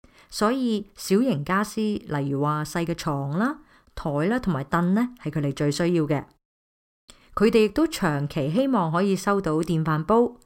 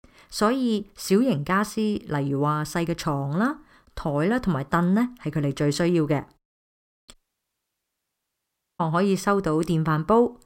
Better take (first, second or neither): first